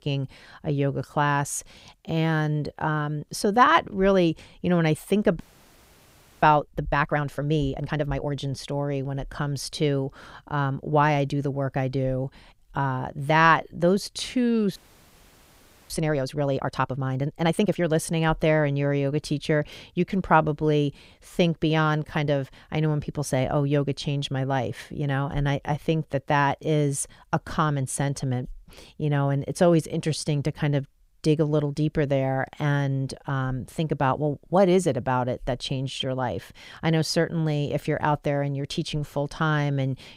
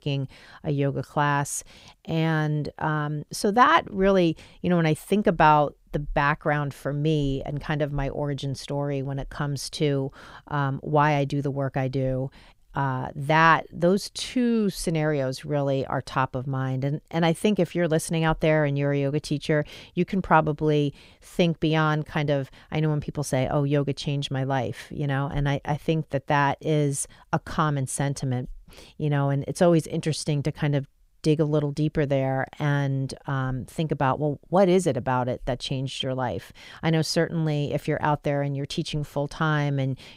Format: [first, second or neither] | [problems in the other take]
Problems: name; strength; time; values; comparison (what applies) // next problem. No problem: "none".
second | audio freezing; at 5.5 s for 1 s and at 15 s for 1 s